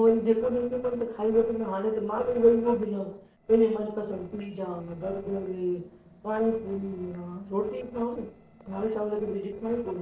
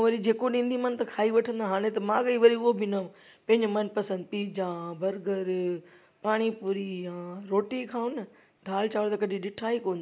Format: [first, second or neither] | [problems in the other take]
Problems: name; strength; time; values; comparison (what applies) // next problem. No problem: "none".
second | noise reduction (neural separator model SepFormer DNS4)